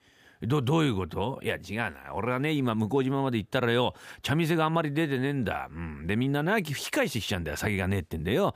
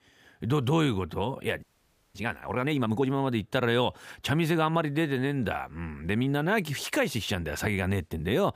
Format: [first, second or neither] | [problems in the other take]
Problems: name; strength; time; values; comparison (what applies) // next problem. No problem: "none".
first | audio freezing; at 1.5 s for 0.5 s